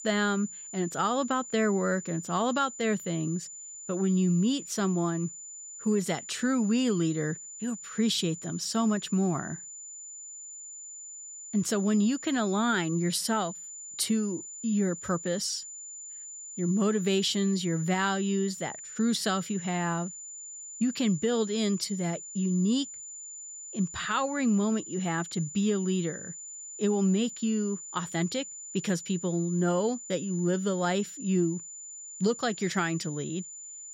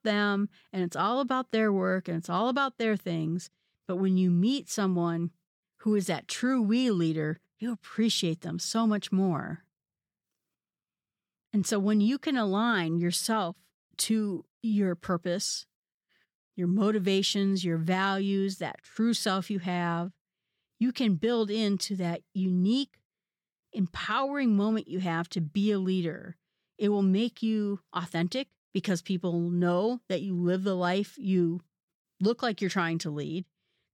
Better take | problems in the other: second | high-pitched whine; noticeable; throughout; 7 kHz, 10 dB below the speech

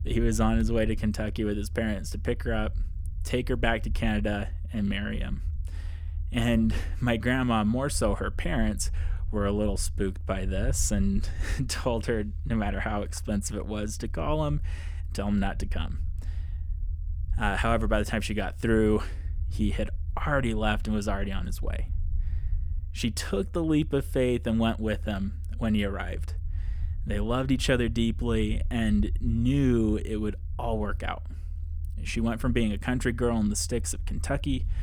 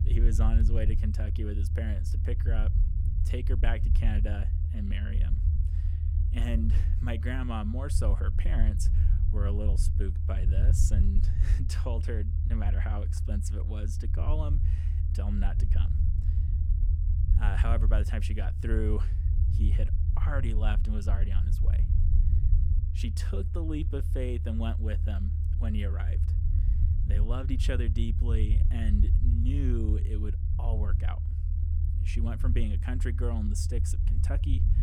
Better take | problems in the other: first | low rumble; loud; throughout; 5 dB below the speech; faint in the first

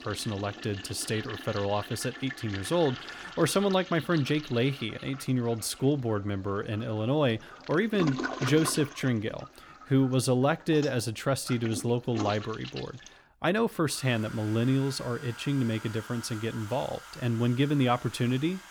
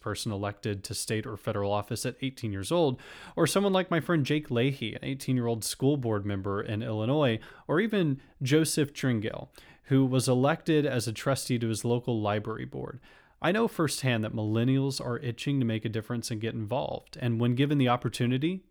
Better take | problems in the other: second | household noises; noticeable; throughout; 10 dB below the speech

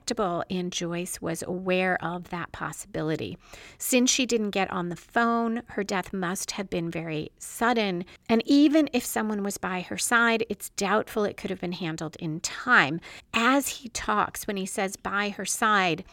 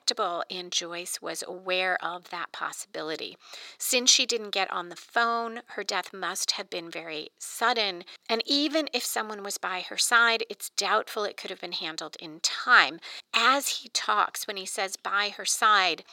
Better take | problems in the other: first | thin; somewhat; fading below 500 Hz

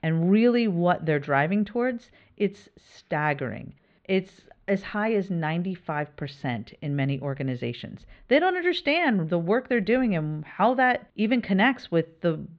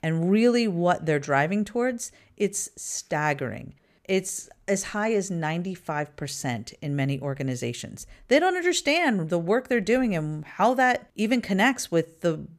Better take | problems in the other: second | muffled; slightly; fading above 4 kHz

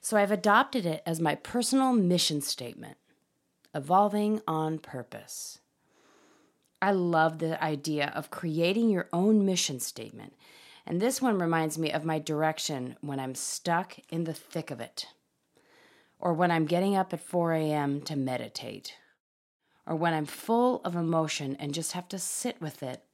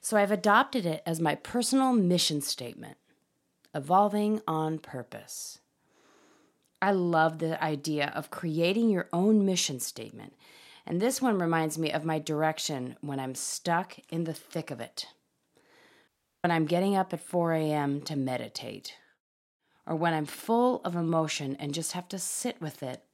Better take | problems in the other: first | audio cutting out; at 16 s

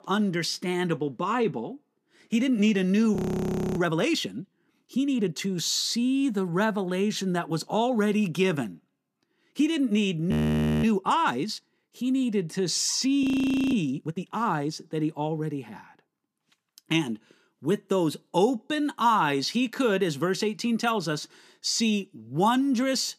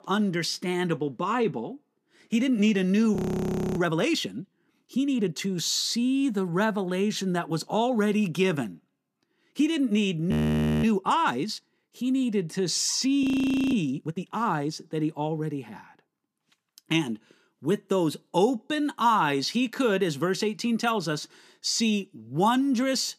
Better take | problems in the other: neither | audio freezing; at 3 s for 0.5 s, at 10 s for 0.5 s and at 13 s; the same in both

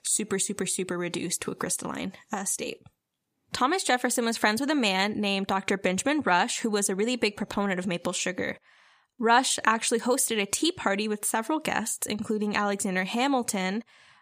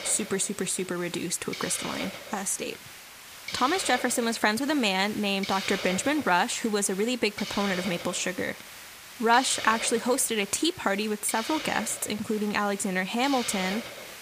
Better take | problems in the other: first | hiss; noticeable; throughout; 10 dB below the speech

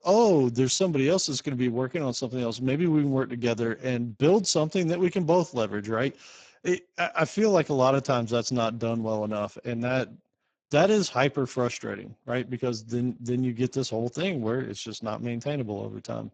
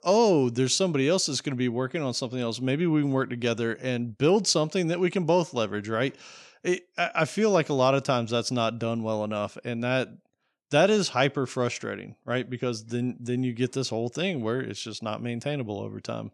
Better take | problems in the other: second | garbled, watery; badly; nothing above 7.5 kHz

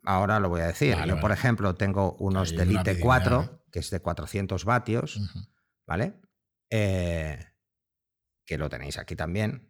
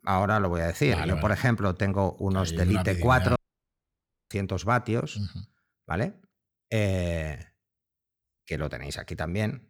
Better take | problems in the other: first | audio cutting out; at 3.5 s for 1 s

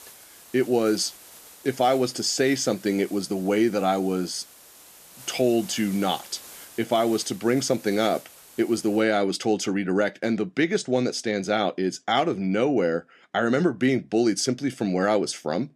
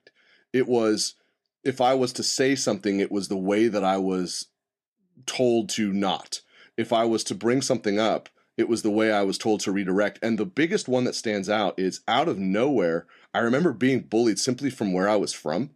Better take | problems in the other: second | hiss; noticeable; until 9 s; 20 dB below the speech

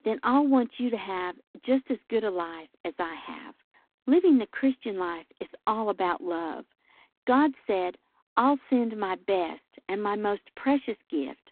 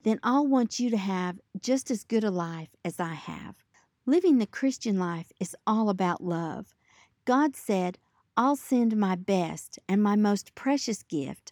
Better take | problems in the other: second | phone-call audio; poor line; nothing above 4 kHz

